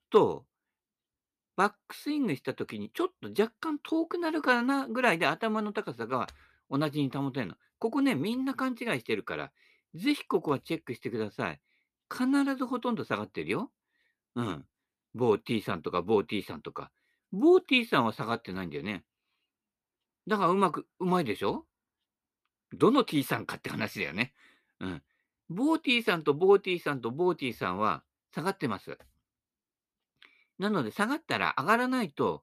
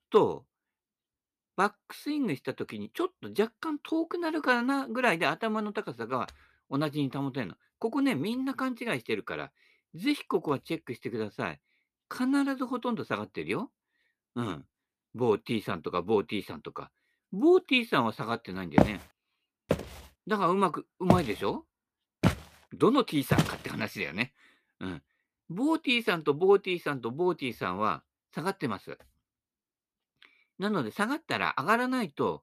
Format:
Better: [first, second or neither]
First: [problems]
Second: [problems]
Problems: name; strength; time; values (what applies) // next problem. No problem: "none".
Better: first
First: none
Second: footsteps; loud; from 19 to 23 s; peak 4 dB above the speech